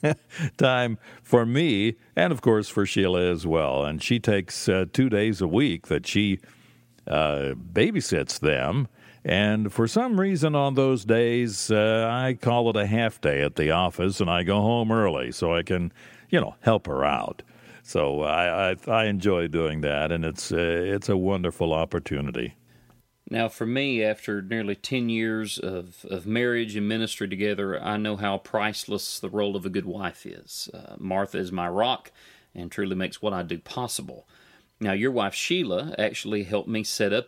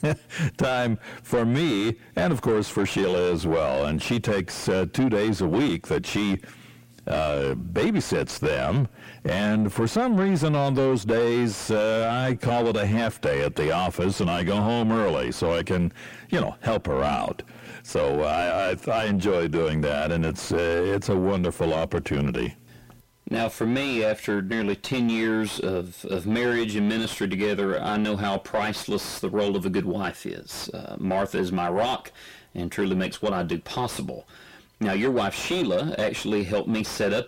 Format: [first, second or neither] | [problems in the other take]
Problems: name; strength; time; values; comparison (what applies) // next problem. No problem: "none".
first | distortion; heavy; 6 dB below the speech